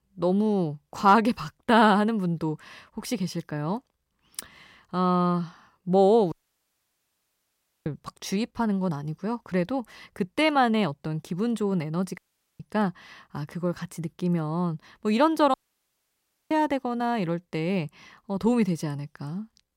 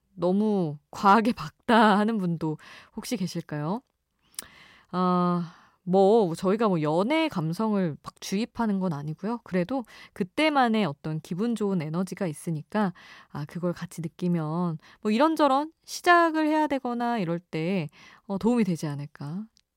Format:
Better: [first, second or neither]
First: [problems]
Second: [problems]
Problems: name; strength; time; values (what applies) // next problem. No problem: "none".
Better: second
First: audio cutting out; at 6.5 s for 1.5 s, at 12 s and at 16 s for 1 s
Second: none